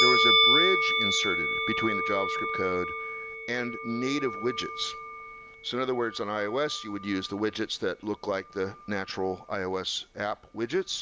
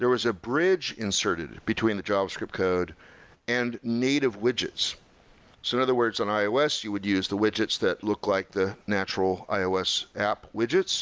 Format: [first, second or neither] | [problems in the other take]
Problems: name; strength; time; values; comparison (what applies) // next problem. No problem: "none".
second | background sound (Musical instrument); 2 dB above the speech